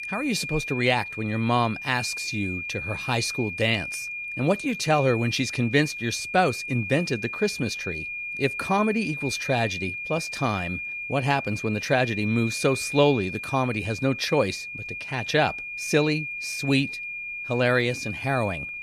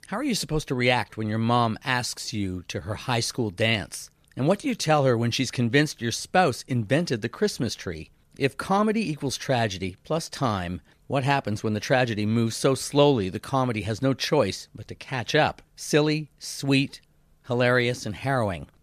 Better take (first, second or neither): second